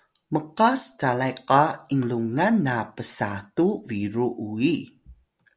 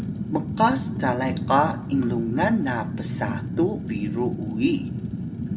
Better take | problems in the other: first | background sound (Fire); 4 dB below the speech // room echo; dies away in 0.8 s

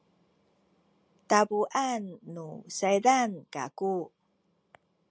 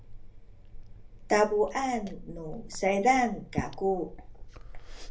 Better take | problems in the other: first | background sound (Liquid); 11 dB below the speech // room echo; dies away in 0.3 s

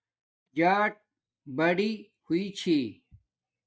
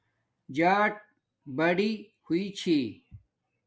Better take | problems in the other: second | noise reduction (neural mask model DeepFilterNet 3)

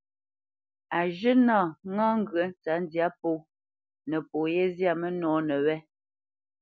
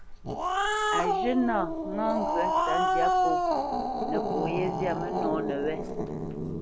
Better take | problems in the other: first | background sound (Growling); 4 dB above the speech

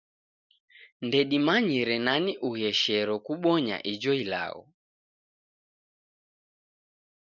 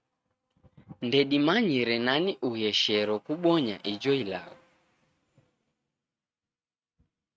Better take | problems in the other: first | noise reduction (neural mask model RNNoise)

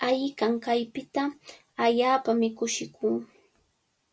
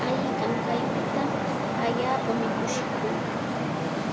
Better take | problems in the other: first | background sound (Traffic noise, roadway noise); 5 dB above the speech

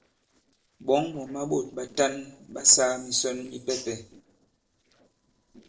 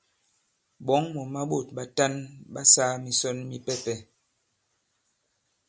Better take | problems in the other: second | noise reduction (neural separator model SepFormer DNS4)

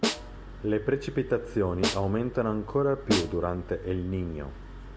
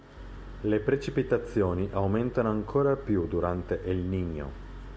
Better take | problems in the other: second | background sound (Snare drum); 6 dB below the speech

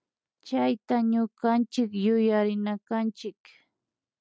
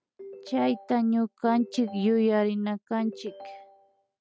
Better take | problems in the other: first | background sound (Ringtone); 19 dB below the speech

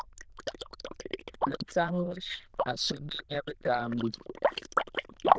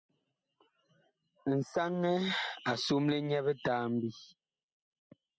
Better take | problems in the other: second | noise reduction (neural diffusion model UNIVERSE++)

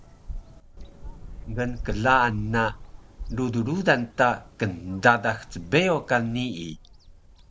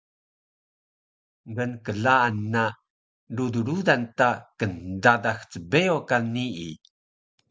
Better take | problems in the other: second | background sound (Bird vocalization, bird call, bird song); 13 dB below the speech

